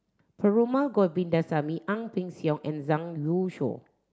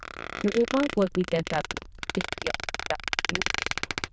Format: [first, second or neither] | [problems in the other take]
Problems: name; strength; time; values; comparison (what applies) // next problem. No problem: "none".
first | noise reduction (neural diffusion model UNIVERSE++)